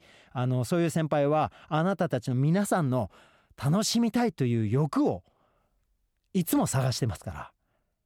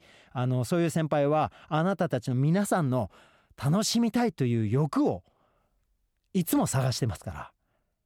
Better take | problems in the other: neither | none

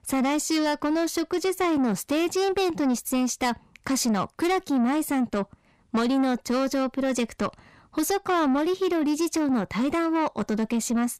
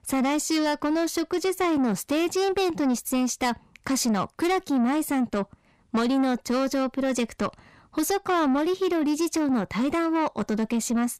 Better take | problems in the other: neither | distortion; slight; 10 dB below the speech; the same in both

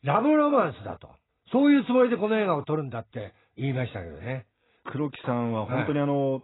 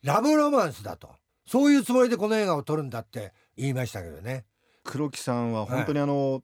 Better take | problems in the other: second | garbled, watery; badly; nothing above 4 kHz

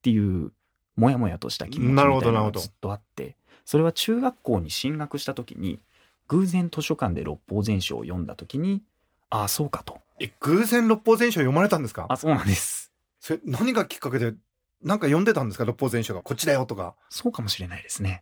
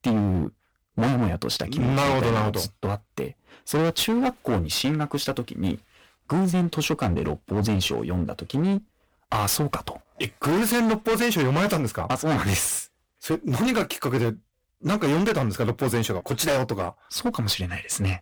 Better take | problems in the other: first | distortion; heavy; 21% of the sound clipped

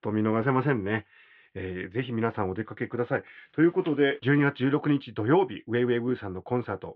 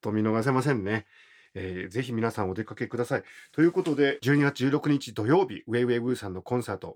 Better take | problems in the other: second | muffled; very; fading above 3 kHz

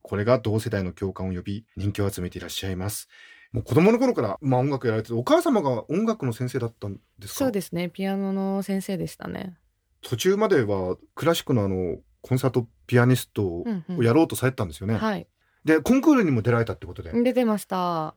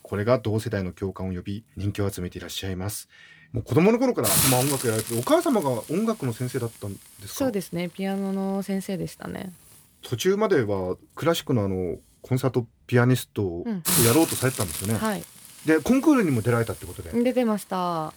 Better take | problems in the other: first | hiss; loud; throughout; 1 dB below the speech

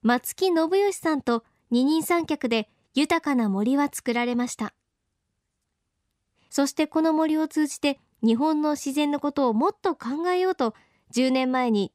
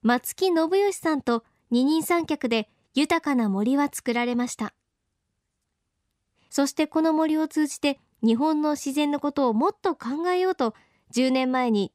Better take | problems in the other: neither | none

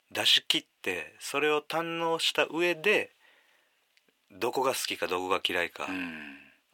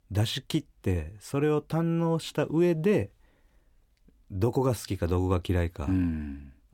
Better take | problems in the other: second | thin; very; fading below 600 Hz

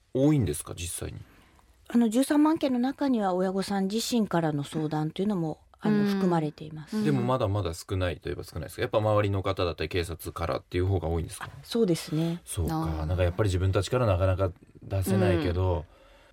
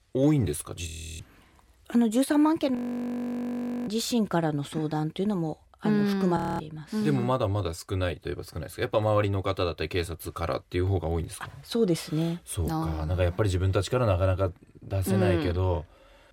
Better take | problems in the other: first | audio freezing; at 1 s, at 3 s for 1 s and at 6.5 s

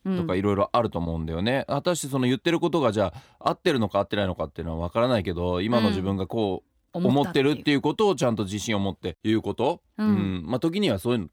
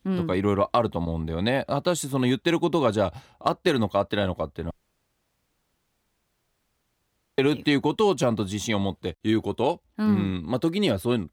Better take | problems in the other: first | audio cutting out; at 4.5 s for 2.5 s

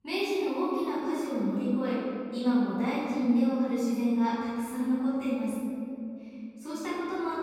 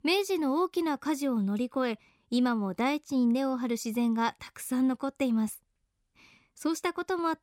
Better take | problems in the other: second | off-mic speech; far // room echo; strong; dies away in 2.7 s

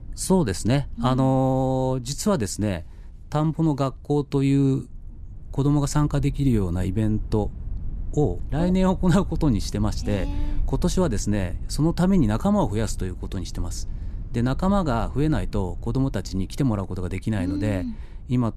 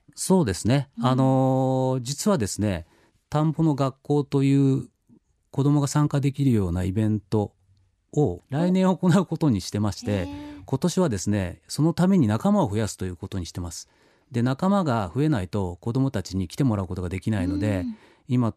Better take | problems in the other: second | low rumble; faint; throughout; 25 dB below the speech

